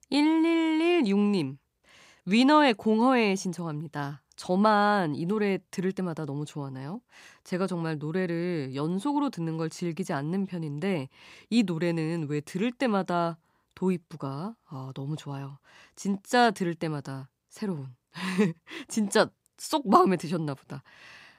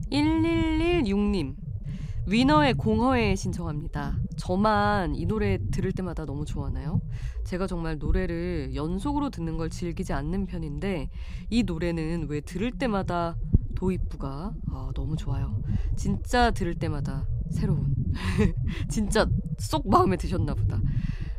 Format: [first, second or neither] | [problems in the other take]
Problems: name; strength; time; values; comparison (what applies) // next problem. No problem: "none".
first | low rumble; noticeable; throughout; 15 dB below the speech